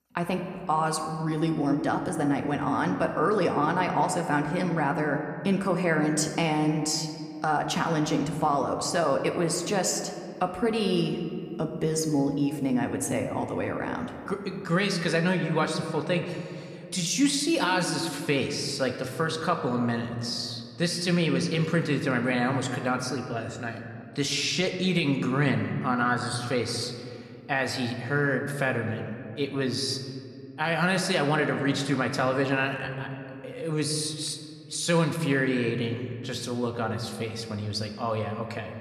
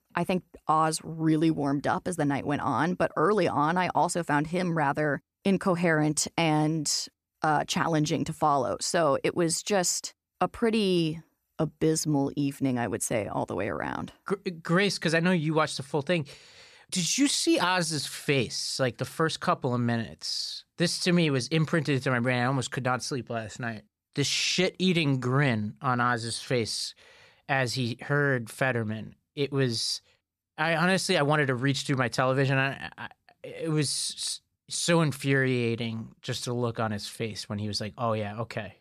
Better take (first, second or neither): second